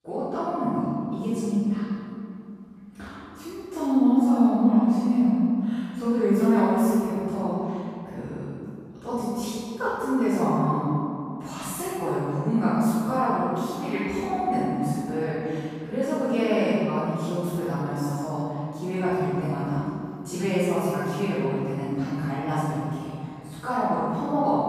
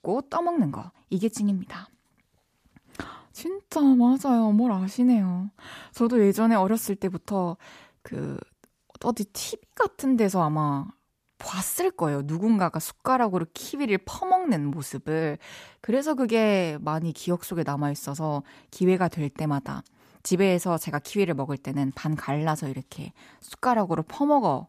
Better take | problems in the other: second | room echo; strong; dies away in 2.4 s // off-mic speech; far

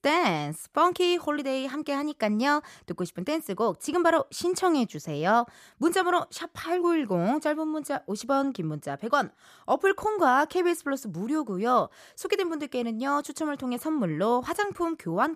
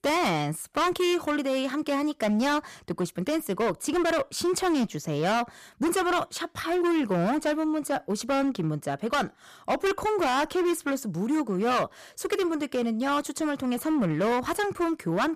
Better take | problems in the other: first | distortion; heavy; 16% of the sound clipped

